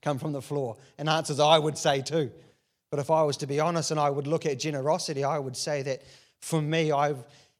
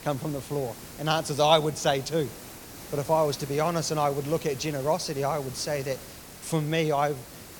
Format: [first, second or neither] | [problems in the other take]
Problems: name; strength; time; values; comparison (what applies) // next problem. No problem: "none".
first | hiss; noticeable; throughout; 15 dB below the speech